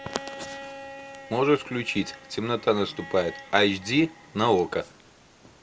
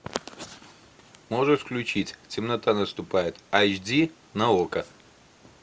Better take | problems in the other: second | background sound (Bowed string instrument); 17 dB below the speech

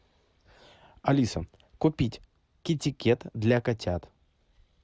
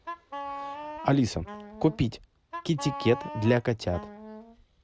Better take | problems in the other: first | background sound (Wind instrument, woodwind instrument); 11 dB below the speech

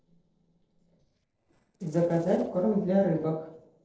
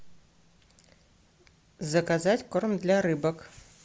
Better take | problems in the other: second | noise reduction (neural separator model SepFormer DNS4)

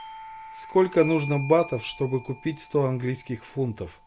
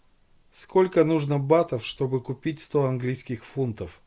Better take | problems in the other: second | background sound (Doorbell); 17 dB below the speech

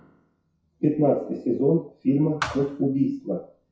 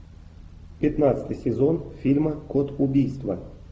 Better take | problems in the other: second | noise reduction (classical method WPE with log-MMSE)

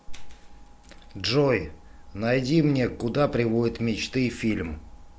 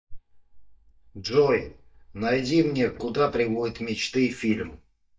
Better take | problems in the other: first | noise reduction (neural mask model DeepFilterNet 3)

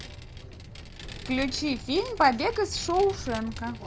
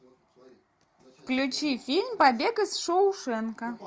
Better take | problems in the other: second | background sound (Vehicle); 11 dB below the speech

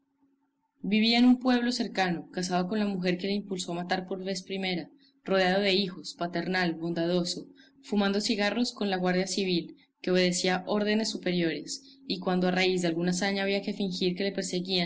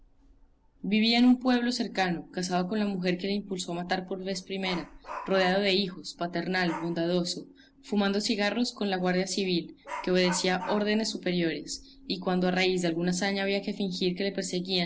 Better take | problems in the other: first | background sound (Dog); 18 dB below the speech

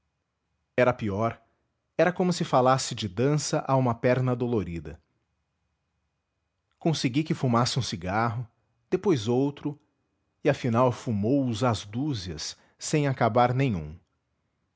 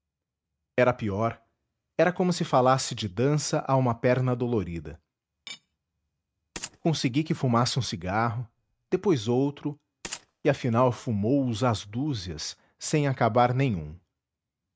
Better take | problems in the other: first | noise reduction (neural mask model RNNoise)

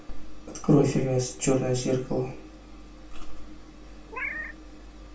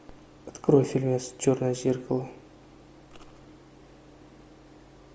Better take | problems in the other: second | background sound (Meow); 10 dB below the speech // room echo; dies away in 0.2 s

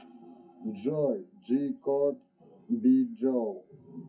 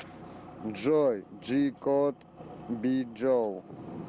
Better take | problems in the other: second | noise reduction (classical method WPE with log-MMSE)

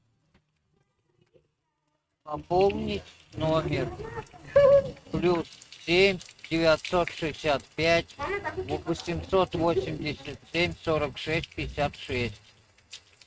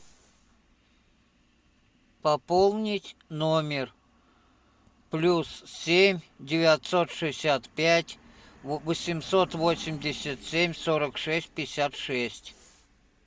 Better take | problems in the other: second | noise reduction (neural mask model RNNoise)

